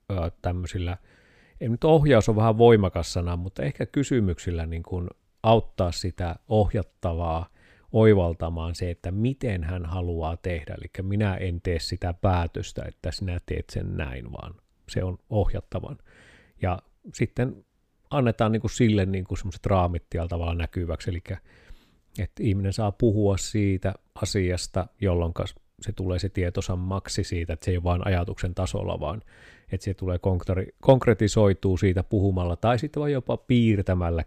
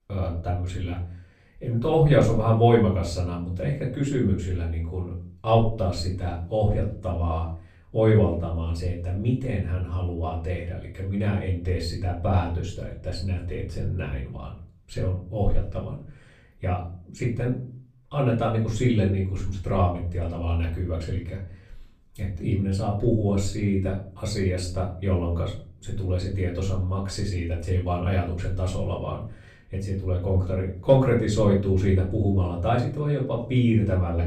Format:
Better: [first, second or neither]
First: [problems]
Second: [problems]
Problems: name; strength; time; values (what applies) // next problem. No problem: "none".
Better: first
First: none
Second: off-mic speech; far // room echo; slight; dies away in 0.4 s